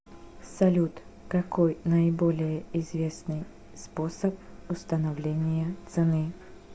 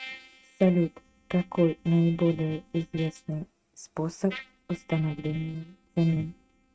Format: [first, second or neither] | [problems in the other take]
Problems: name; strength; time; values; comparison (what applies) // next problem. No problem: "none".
first | noise reduction (neural mask model RNNoise)